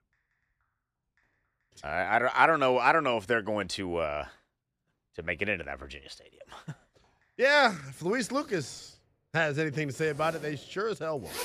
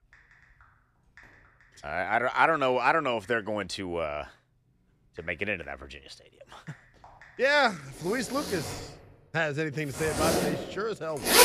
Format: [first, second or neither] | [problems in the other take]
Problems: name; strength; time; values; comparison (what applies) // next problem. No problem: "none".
first | household noises; loud; throughout; 3 dB below the speech; faint in the first